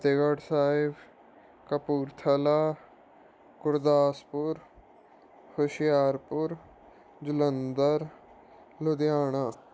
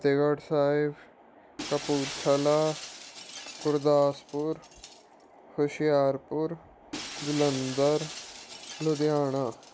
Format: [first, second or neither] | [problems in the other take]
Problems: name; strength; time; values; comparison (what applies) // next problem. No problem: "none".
first | background sound (Shatter); 15 dB below the speech